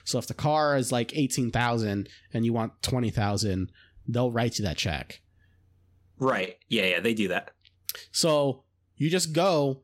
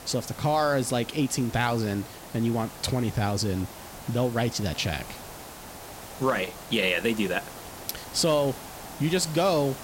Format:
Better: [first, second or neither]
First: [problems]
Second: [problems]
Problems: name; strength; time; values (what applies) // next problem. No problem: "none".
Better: first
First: none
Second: hiss; noticeable; throughout; 15 dB below the speech